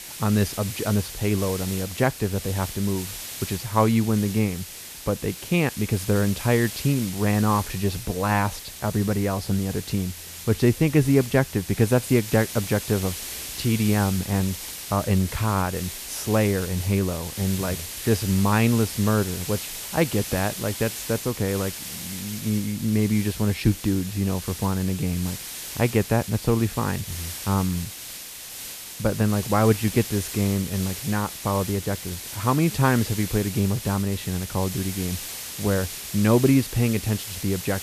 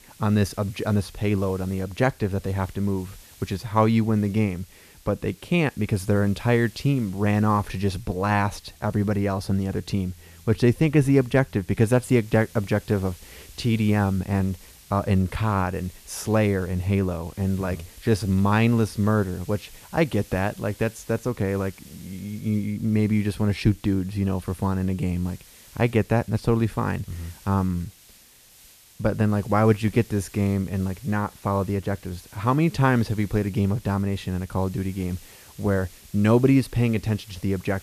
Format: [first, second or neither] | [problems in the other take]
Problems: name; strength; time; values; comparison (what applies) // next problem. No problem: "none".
second | hiss; loud; throughout; 9 dB below the speech; faint in the second